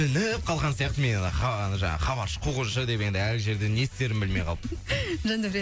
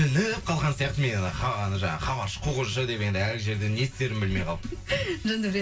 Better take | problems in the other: first | room echo; dies away in 0.2 s

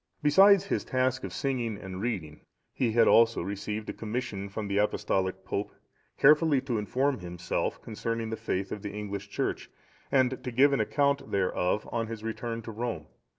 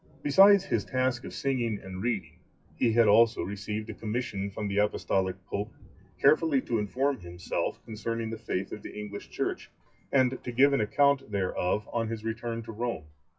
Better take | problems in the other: first | noise reduction (classical method WPE with log-MMSE)

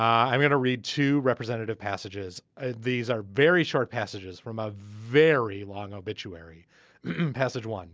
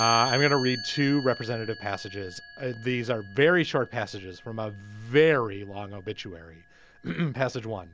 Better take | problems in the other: first | background sound (Chime); 13 dB below the speech

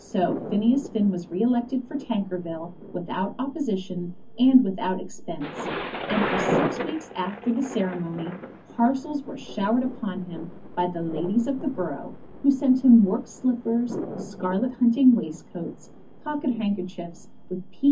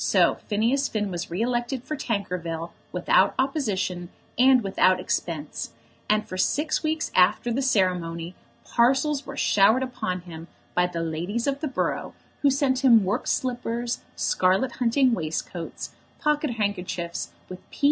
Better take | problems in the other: second | background sound (Thunder); 10 dB below the speech // room echo; dies away in 0.3 s

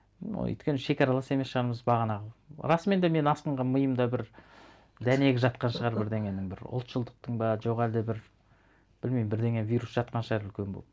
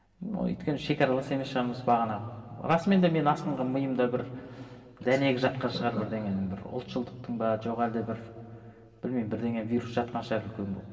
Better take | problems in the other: first | room echo; dies away in 2.4 s

